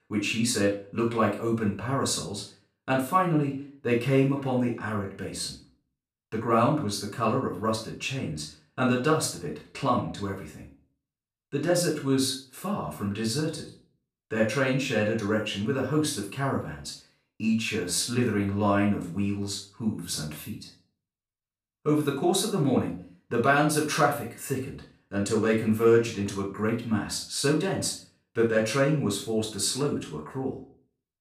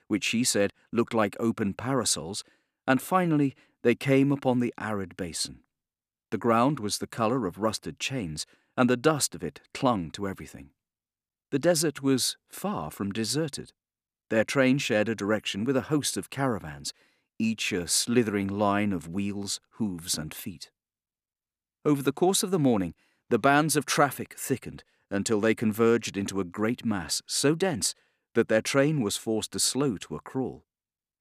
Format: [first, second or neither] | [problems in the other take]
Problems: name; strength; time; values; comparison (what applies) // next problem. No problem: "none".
second | off-mic speech; far // room echo; slight; dies away in 0.3 s